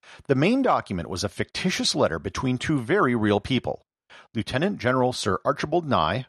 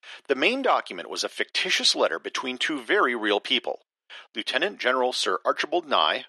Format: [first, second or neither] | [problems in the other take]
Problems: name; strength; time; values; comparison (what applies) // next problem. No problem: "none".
first | thin; somewhat; fading below 300 Hz